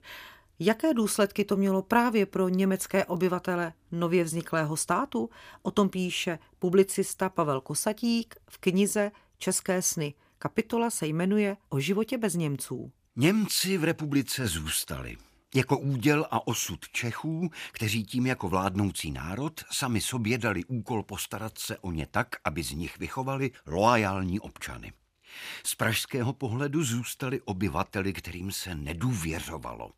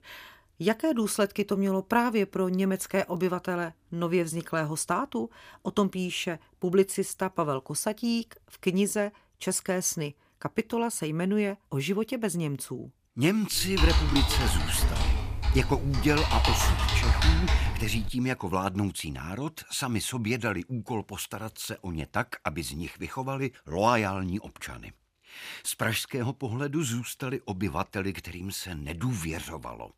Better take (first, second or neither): first